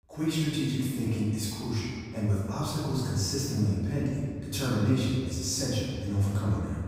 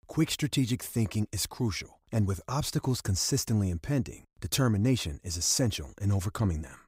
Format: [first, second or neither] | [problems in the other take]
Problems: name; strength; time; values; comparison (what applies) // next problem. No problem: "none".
second | room echo; strong; dies away in 1.8 s // off-mic speech; far